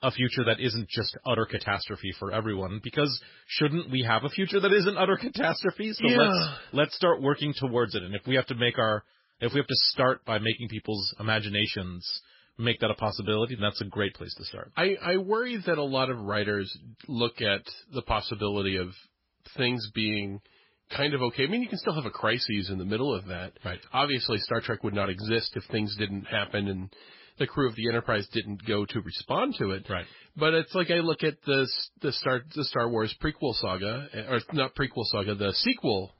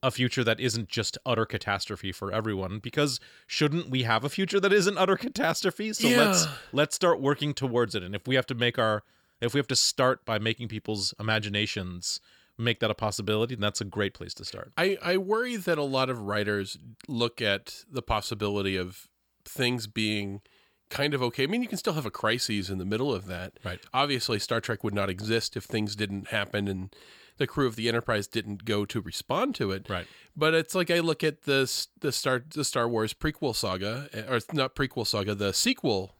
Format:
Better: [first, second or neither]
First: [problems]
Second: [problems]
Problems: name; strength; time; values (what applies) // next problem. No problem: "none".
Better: second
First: garbled, watery; badly; nothing above 5.5 kHz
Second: none